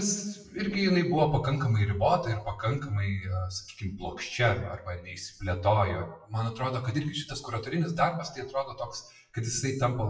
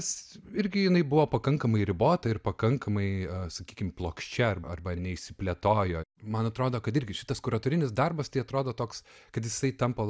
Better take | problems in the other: second | noise reduction (classical method WPE with log-MMSE)

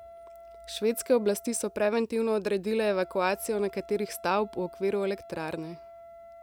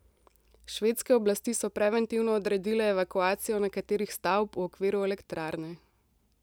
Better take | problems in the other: second | background sound (Wind instrument, woodwind instrument); 19 dB below the speech

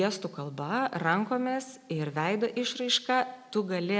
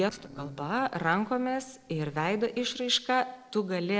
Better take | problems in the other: first | noise reduction (neural separator model SepFormer DNS4)

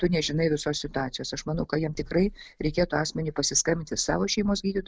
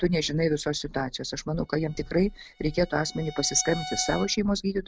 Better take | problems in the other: first | background sound (Bowed string instrument); 15 dB below the speech

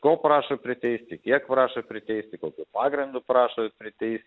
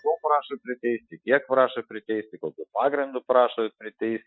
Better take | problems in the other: first | noise reduction (classical method Wiener filter)

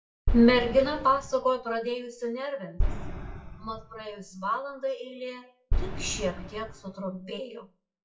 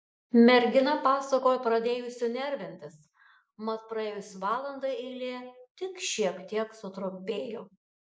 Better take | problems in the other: second | noise reduction (classical method WPE with log-MMSE)

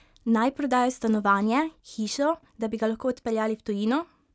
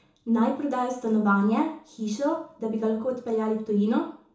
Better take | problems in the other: first | room echo; dies away in 0.7 s

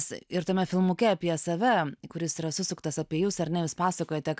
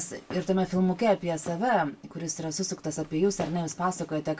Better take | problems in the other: first | background sound (Walk, footsteps); 19 dB below the speech // room echo; dies away in 0.2 s

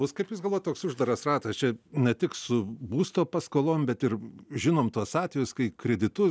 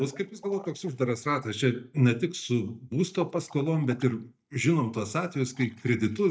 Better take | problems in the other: first | noise reduction (neural mask model DeepFilterNet 3)

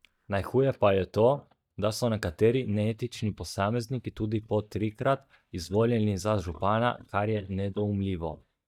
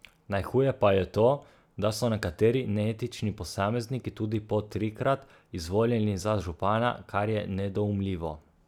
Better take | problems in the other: second | noise reduction (neural mask model DeepFilterNet 3)

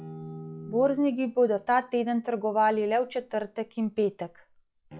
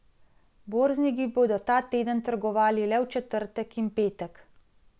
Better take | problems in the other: second | noise reduction (classical method log-MMSE)

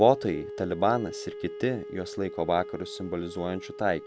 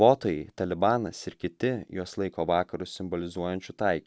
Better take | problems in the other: second | background sound (Wind instrument, woodwind instrument); 12 dB below the speech

